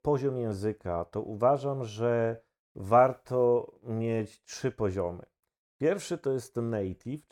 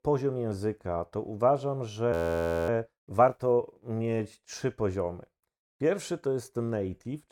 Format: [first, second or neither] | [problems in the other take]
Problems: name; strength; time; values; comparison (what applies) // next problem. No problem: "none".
first | audio freezing; at 2 s for 0.5 s